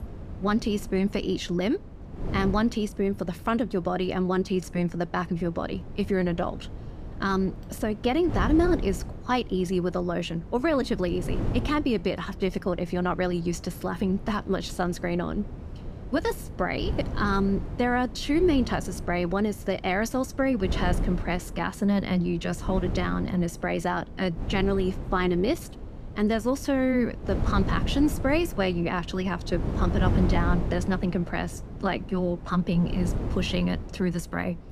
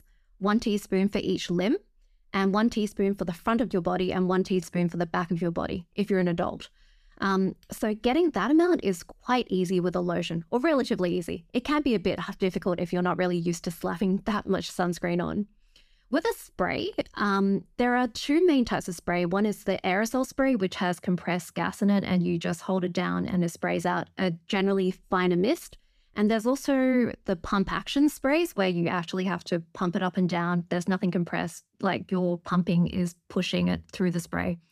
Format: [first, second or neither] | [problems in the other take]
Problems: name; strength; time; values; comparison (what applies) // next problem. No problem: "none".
second | wind noise on the microphone; occasional gusts; 15 dB below the speech